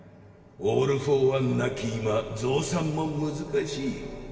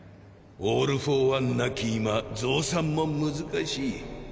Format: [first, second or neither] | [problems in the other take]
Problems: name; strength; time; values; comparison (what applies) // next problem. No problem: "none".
second | room echo; dies away in 1.8 s